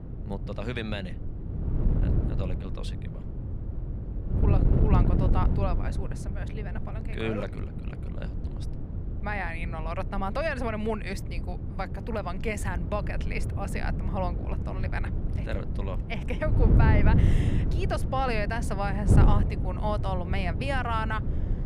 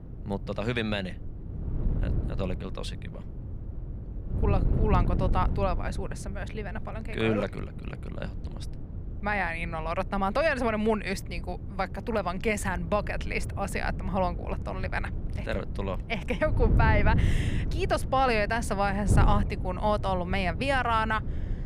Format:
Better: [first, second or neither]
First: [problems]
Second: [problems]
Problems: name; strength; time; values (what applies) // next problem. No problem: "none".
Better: second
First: wind noise on the microphone; heavy; 7 dB below the speech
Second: wind noise on the microphone; occasional gusts; 15 dB below the speech